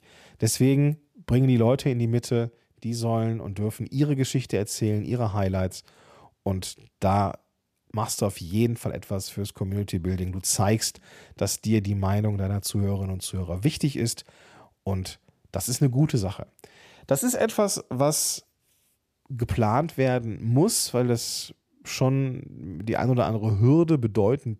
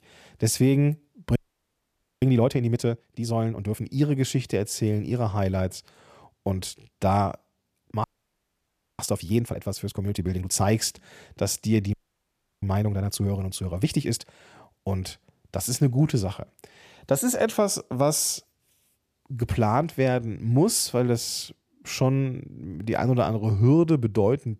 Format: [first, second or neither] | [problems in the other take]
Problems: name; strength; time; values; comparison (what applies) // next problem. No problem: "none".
first | audio freezing; at 1.5 s for 1 s, at 8 s for 1 s and at 12 s for 0.5 s